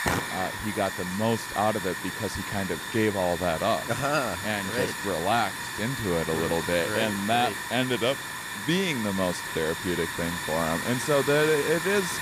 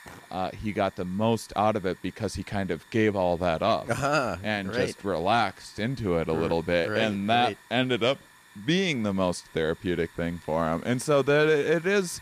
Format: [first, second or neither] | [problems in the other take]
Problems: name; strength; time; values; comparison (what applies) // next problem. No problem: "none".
second | hiss; loud; throughout; 4 dB below the speech; faint in the second